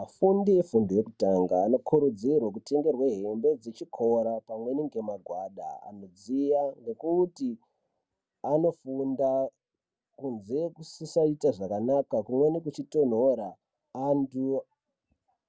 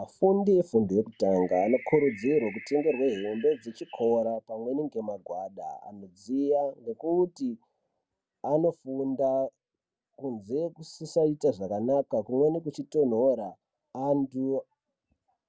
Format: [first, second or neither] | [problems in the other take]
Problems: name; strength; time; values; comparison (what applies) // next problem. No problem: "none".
first | background sound (Bird); 17 dB below the speech